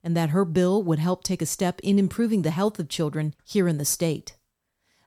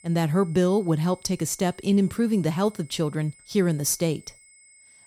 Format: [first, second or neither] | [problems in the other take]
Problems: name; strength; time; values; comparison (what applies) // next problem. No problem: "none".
first | high-pitched whine; faint; throughout; 8 kHz, 25 dB below the speech